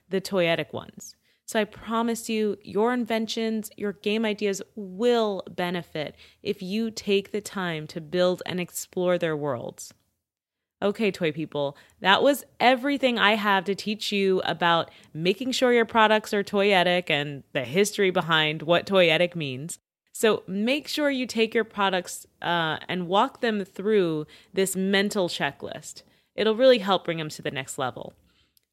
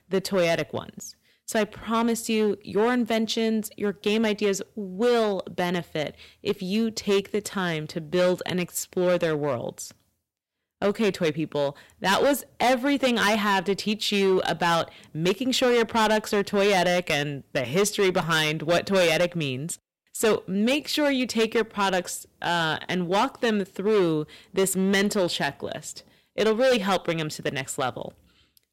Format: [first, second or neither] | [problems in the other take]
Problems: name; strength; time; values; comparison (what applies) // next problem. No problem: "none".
first | distortion; heavy; 8% of the sound clipped